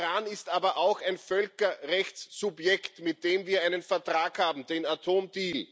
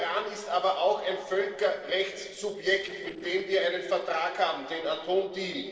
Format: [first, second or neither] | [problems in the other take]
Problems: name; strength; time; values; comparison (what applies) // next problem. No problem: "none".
first | noise reduction (neural separator model SepFormer DNS4)